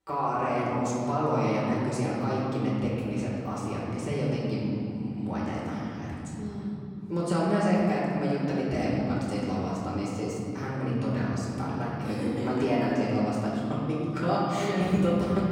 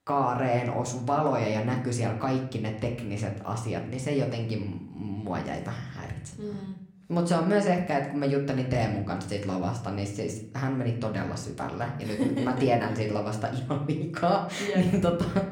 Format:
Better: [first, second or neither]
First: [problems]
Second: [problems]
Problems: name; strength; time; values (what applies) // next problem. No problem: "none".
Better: second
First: room echo; strong; dies away in 3 s // off-mic speech; far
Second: room echo; slight; dies away in 0.5 s